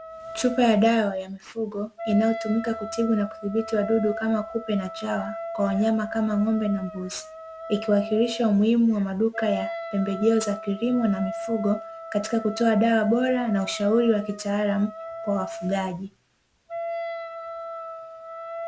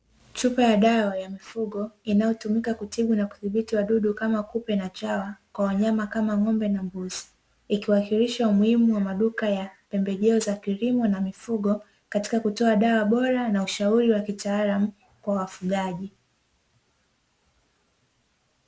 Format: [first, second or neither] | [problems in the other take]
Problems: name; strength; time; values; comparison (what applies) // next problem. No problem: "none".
second | background sound (Wind instrument, woodwind instrument); 10 dB below the speech